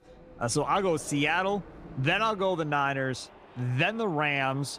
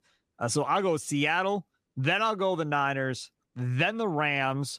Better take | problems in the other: second | train or aircraft noise; faint; throughout; 20 dB below the speech

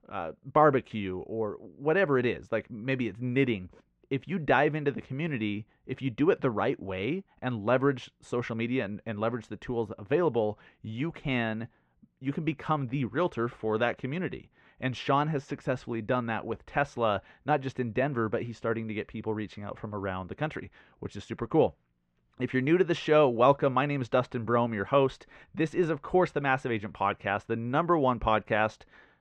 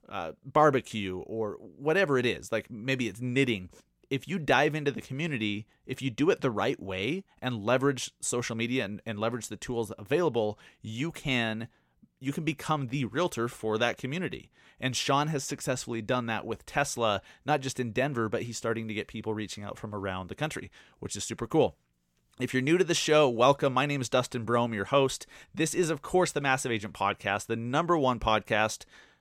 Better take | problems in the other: second | muffled; very; fading above 2 kHz

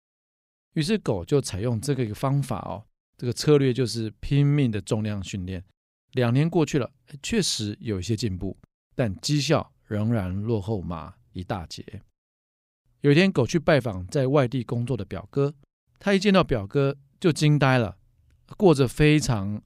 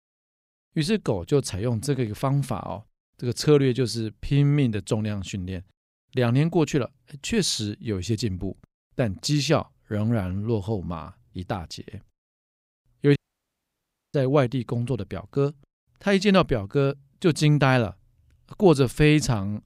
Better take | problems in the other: first | audio cutting out; at 13 s for 1 s

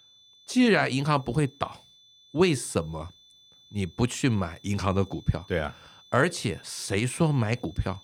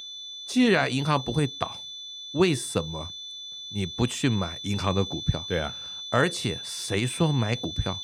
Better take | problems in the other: first | high-pitched whine; loud; throughout; 3.5 kHz, 8 dB below the speech; faint in the first

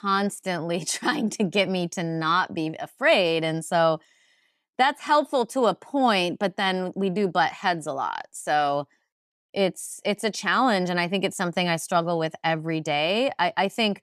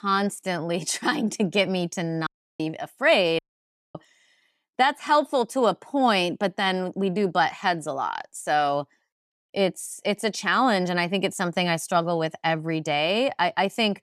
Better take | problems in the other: first | audio cutting out; at 2.5 s and at 3.5 s for 0.5 s

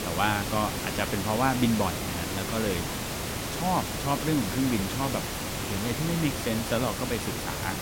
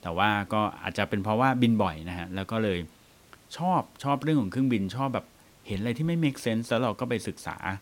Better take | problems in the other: second | hiss; loud; throughout; 2 dB below the speech; faint in the second

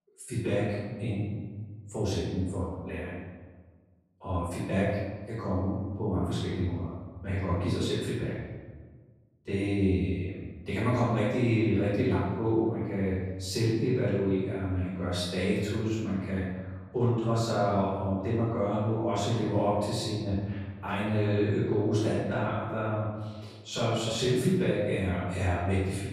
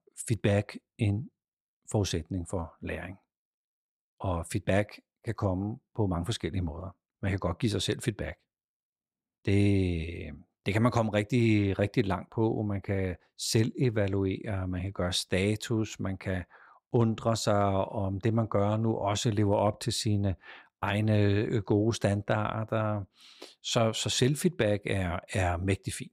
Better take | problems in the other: second | off-mic speech; far // room echo; strong; dies away in 1.3 s

